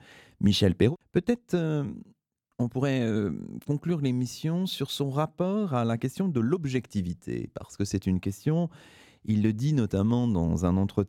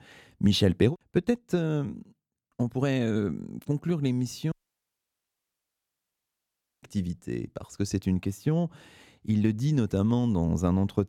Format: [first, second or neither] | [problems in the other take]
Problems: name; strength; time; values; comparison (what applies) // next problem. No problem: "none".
first | audio cutting out; at 4.5 s for 2.5 s